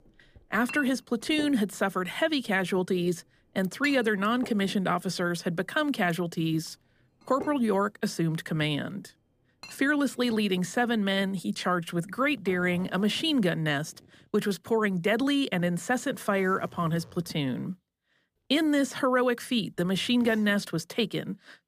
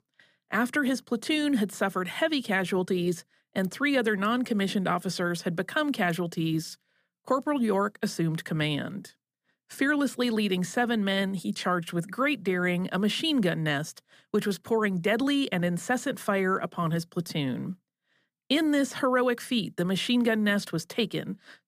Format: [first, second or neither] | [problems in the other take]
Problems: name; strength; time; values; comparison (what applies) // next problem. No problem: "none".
second | household noises; noticeable; throughout; 20 dB below the speech